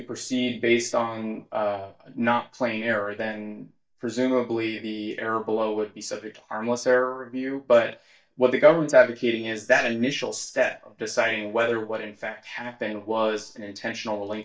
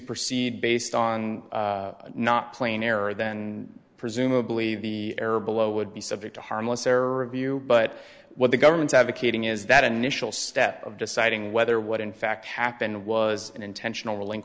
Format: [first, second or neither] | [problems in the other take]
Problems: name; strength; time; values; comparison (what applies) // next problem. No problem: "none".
second | noise reduction (neural mask model DeepFilterNet 3)